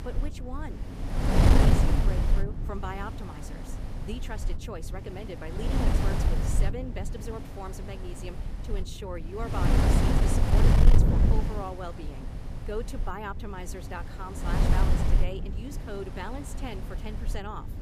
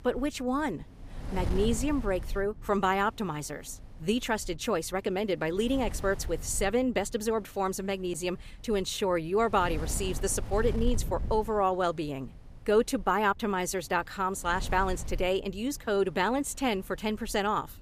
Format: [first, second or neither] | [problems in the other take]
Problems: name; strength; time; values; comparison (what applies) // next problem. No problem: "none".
second | wind noise on the microphone; heavy; 3 dB above the speech; occasional gusts in the second